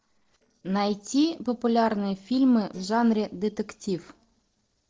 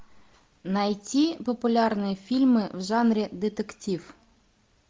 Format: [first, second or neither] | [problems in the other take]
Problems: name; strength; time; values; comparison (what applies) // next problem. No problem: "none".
second | noise reduction (neural separator model SepFormer DNS4)